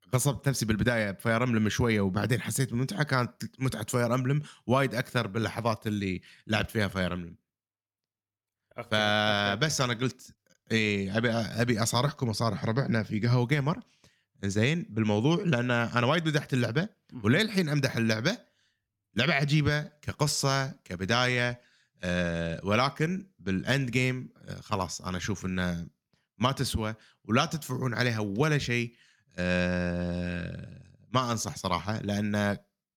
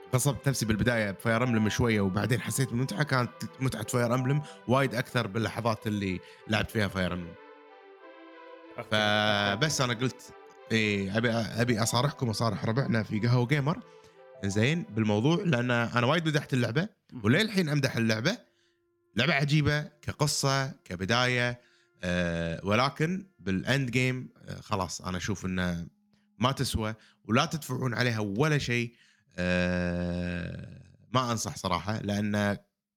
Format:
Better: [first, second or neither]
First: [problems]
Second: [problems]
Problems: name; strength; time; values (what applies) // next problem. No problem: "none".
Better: first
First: none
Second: background music; faint; throughout; 20 dB below the speech